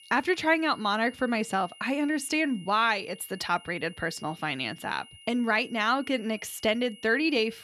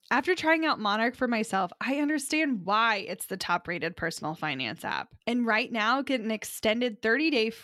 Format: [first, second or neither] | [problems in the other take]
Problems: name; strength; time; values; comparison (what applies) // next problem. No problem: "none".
second | high-pitched whine; faint; throughout; 3 kHz, 20 dB below the speech